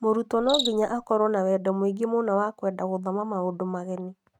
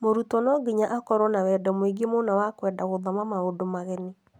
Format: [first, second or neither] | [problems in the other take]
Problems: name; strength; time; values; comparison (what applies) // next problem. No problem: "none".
second | noise reduction (neural mask model RNNoise)